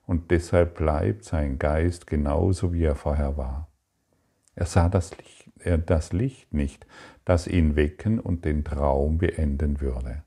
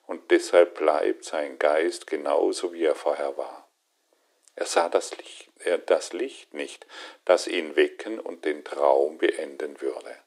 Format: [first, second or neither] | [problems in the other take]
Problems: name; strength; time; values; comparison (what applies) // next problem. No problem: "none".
first | thin; very; fading below 350 Hz